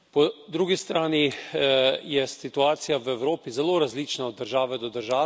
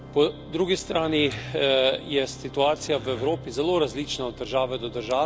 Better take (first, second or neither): first